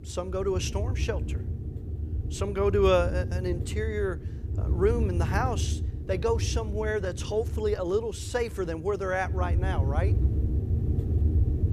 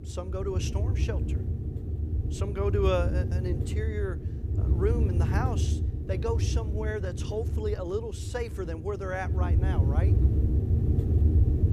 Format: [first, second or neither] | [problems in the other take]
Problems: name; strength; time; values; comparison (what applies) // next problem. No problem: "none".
first | wind noise on the microphone; heavy; 6 dB below the speech; occasional gusts in the first